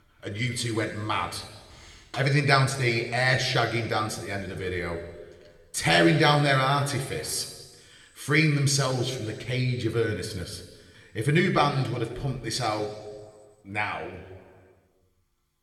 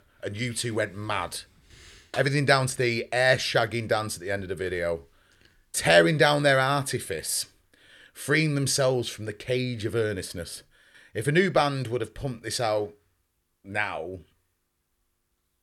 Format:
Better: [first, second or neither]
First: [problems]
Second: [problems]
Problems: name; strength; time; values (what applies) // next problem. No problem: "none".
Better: second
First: room echo; slight; dies away in 1.4 s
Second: none